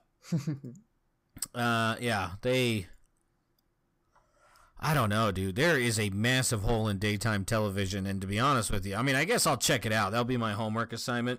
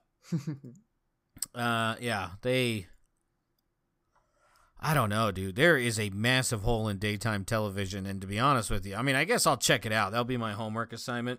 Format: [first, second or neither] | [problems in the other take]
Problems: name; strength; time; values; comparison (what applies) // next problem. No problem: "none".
second | distortion; slight; 10 dB below the speech